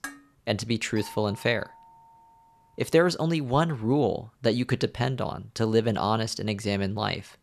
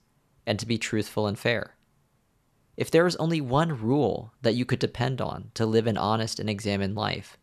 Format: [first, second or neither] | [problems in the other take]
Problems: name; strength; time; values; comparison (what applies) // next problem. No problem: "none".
second | clattering dishes; faint; at the start; peak 15 dB below the speech // doorbell; faint; from 1 to 2.5 s; peak 20 dB below the speech